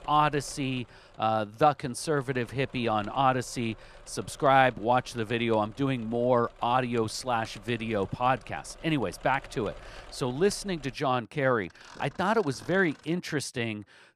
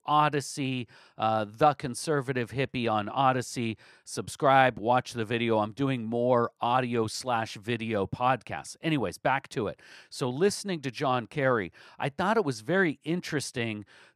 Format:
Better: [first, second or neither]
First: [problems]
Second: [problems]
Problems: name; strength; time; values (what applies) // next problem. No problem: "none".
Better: second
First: machinery noise; faint; throughout; 25 dB below the speech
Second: none